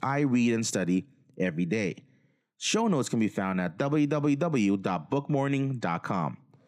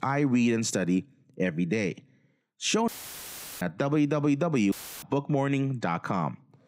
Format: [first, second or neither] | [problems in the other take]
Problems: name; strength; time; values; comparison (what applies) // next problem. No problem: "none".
first | audio cutting out; filled with static; at 3 s for 0.5 s and at 4.5 s